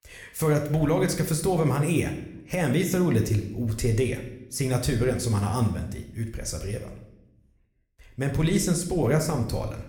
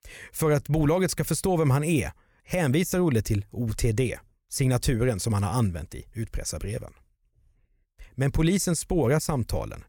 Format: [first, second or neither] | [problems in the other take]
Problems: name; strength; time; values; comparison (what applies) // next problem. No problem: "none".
second | room echo; slight; dies away in 0.7 s